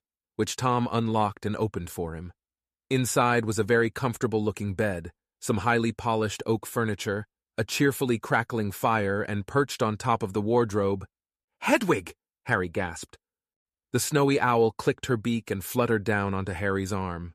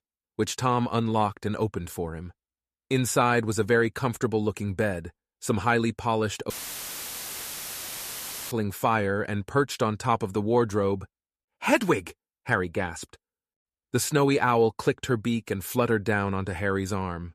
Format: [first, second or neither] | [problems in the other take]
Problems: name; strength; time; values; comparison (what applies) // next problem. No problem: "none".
first | audio cutting out; filled with static; at 6.5 s for 2 s